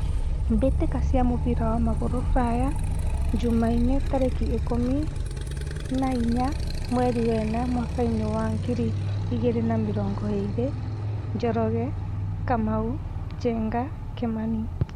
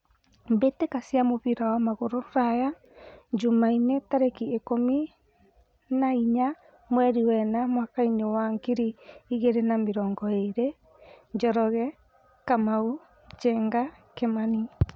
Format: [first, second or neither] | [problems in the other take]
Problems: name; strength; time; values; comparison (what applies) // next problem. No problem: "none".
second | background sound (Motorcycle); 1 dB above the speech